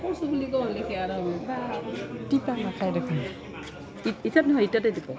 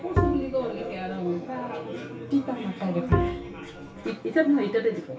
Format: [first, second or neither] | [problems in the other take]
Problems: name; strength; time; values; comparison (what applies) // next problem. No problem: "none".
first | background sound (Bowed string instrument); 1 dB below the speech // room echo; dies away in 0.3 s